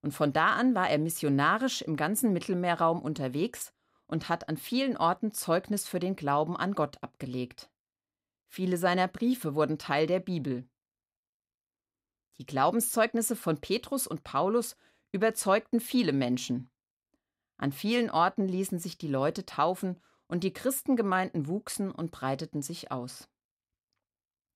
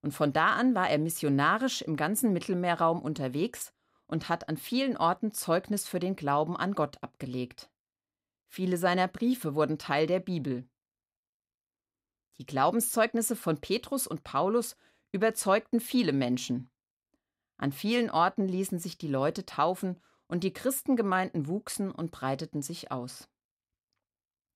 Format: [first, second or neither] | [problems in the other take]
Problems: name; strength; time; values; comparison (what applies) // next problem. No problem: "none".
neither | none